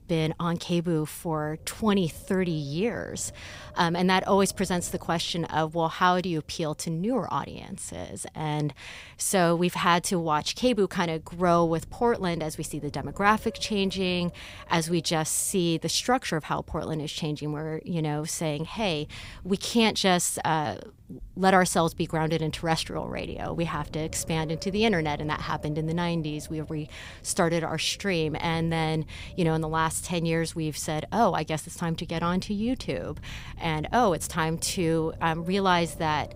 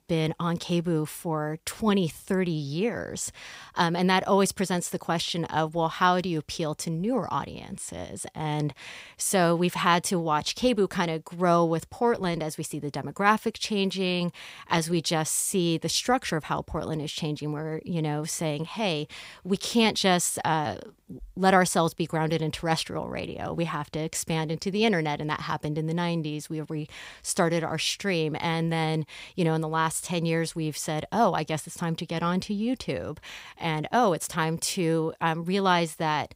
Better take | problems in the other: second | wind noise on the microphone; occasional gusts; 25 dB below the speech

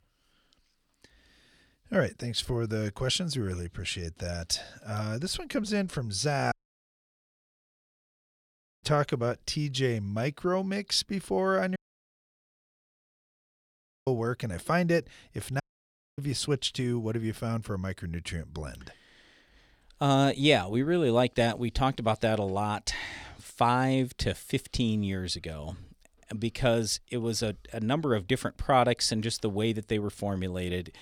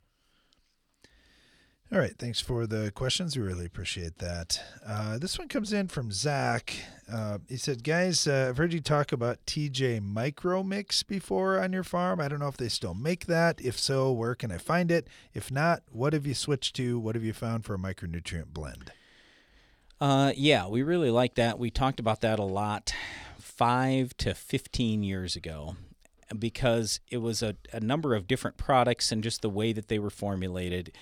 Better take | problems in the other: second | audio cutting out; at 6.5 s for 2.5 s, at 12 s for 2.5 s and at 16 s for 0.5 s

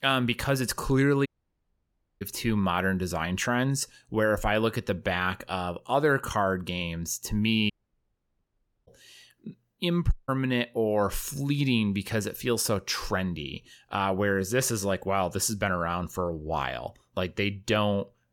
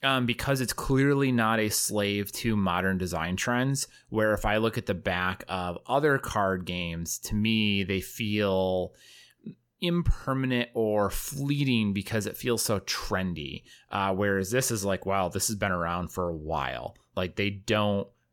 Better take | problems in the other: second | audio cutting out; at 1.5 s for 1 s, at 7.5 s for 1 s and at 10 s

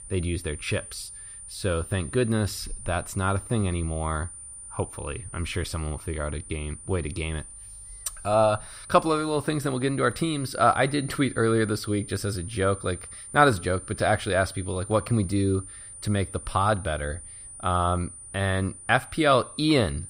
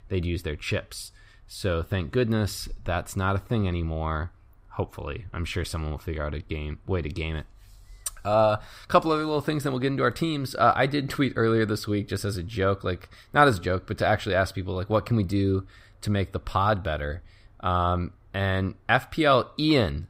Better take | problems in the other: second | high-pitched whine; noticeable; throughout; 9.5 kHz, 15 dB below the speech

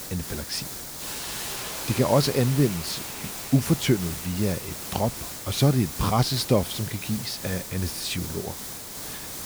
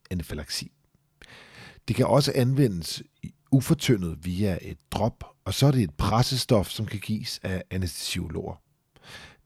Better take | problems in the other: second | hiss; loud; throughout; 7 dB below the speech

